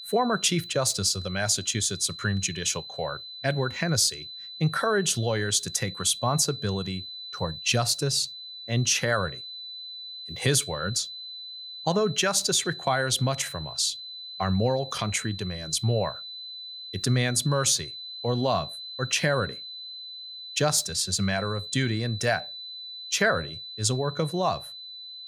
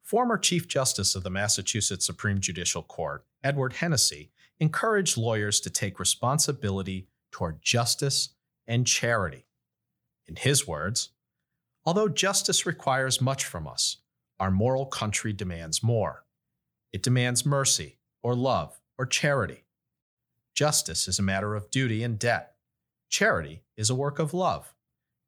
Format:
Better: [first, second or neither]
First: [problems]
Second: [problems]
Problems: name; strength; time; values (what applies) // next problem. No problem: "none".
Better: second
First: high-pitched whine; noticeable; throughout; 4 kHz, 10 dB below the speech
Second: none